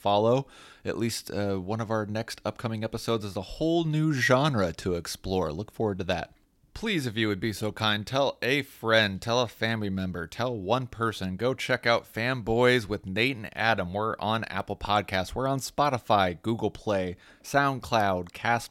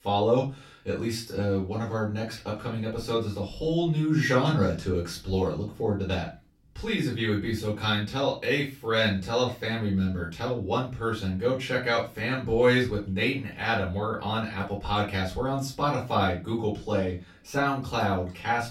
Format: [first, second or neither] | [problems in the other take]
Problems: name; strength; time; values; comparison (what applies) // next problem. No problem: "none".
first | off-mic speech; far // room echo; slight; dies away in 0.3 s